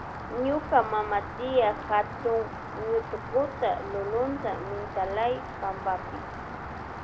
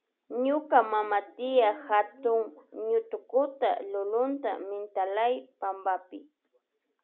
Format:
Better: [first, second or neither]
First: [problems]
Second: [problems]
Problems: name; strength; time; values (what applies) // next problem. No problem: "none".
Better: second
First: background sound (Rain); 8 dB below the speech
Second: none